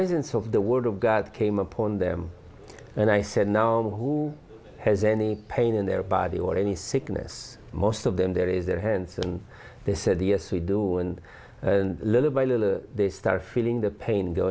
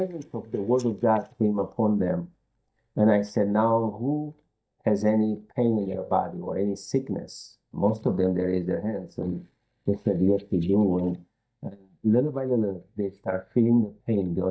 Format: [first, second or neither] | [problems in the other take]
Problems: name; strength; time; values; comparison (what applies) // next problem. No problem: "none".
first | noise reduction (neural mask model DeepFilterNet 3)